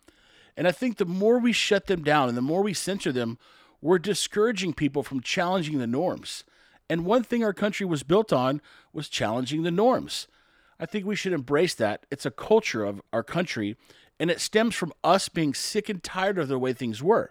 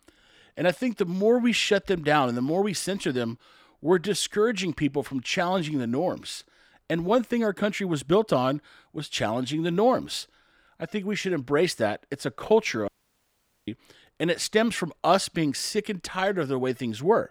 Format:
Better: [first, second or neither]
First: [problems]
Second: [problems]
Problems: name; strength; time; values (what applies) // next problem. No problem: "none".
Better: first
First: none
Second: audio cutting out; at 13 s for 1 s